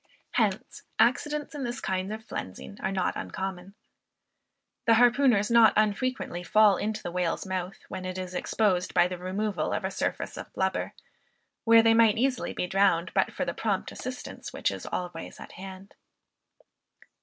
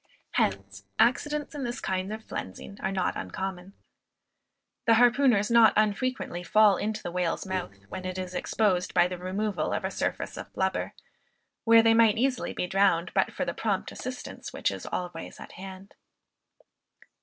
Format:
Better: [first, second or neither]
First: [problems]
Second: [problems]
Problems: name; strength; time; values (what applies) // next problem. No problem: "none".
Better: first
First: none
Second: noise reduction (neural separator model SepFormer DNS4)